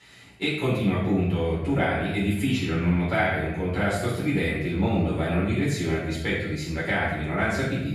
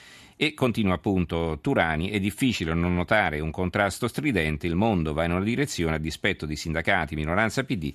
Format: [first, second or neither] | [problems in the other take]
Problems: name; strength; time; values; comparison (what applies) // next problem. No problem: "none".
second | off-mic speech; far // room echo; noticeable; dies away in 0.8 s